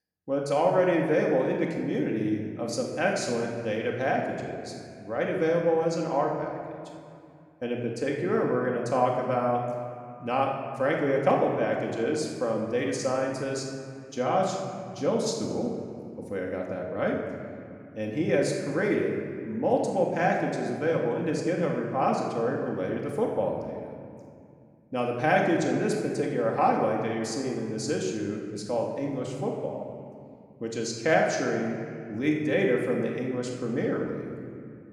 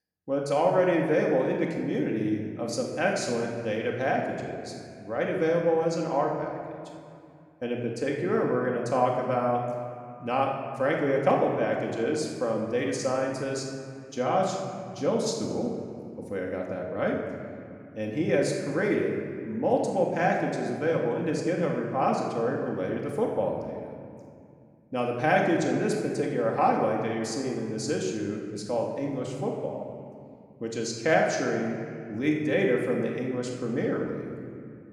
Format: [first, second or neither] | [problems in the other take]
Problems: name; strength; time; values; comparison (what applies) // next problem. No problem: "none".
neither | room echo; noticeable; dies away in 1.8 s; the same in both // off-mic speech; somewhat distant; the same in both